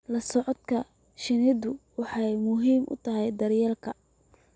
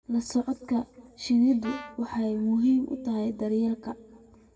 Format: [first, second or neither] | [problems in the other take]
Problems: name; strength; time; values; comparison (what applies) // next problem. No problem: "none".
first | background sound (Brass instrument); 18 dB below the speech // room echo; dies away in 2 s